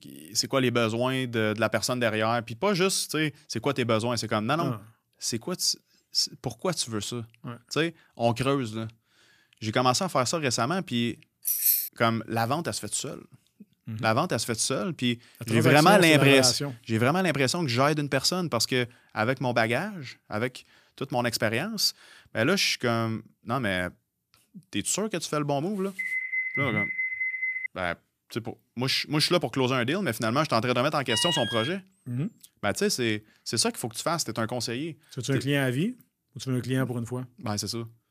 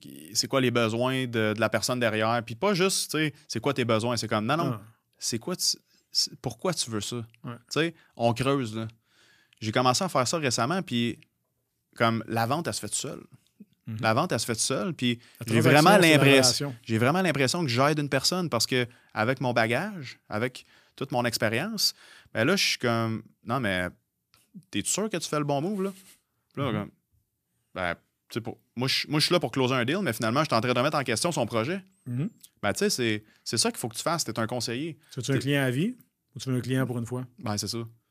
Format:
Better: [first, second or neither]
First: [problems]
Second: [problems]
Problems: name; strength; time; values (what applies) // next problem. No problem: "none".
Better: second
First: jangling keys; loud; at 11 s; peak 5 dB above the speech // alarm; noticeable; from 26 to 28 s; peak 1 dB below the speech // alarm; loud; at 31 s; peak level with the speech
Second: none